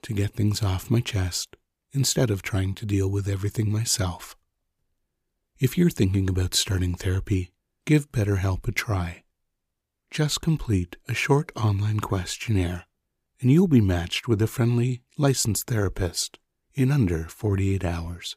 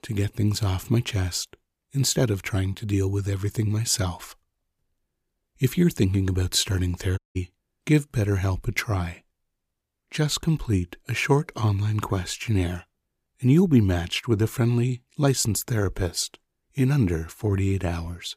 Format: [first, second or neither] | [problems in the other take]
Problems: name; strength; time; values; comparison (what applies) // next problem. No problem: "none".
first | audio cutting out; at 7 s